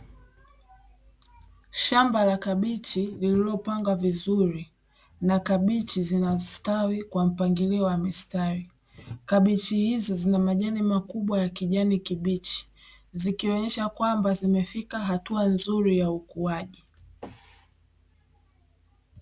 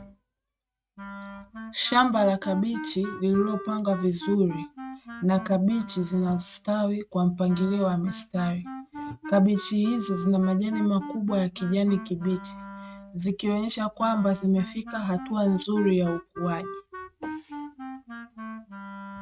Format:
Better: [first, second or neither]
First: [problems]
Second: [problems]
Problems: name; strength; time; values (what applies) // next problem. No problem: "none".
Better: first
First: none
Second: noise reduction (neural mask model RNNoise)